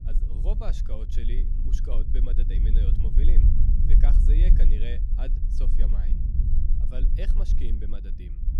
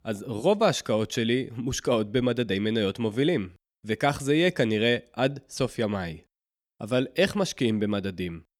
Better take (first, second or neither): second